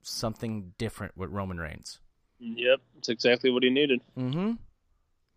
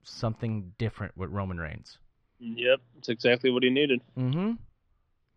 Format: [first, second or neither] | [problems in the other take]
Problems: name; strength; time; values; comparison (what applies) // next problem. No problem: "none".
first | muffled; very slightly; fading above 3 kHz